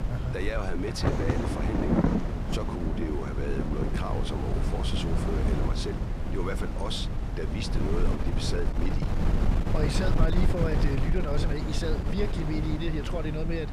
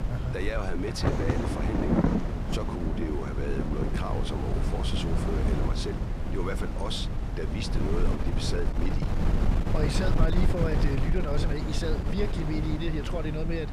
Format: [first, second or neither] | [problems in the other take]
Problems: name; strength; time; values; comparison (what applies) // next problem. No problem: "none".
neither | wind noise on the microphone; heavy; 1 dB below the speech; the same in both